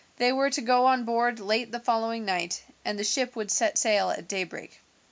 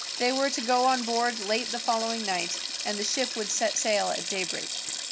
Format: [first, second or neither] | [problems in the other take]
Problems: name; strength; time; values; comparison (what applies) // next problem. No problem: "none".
first | background sound (Sink (filling or washing)); 5 dB below the speech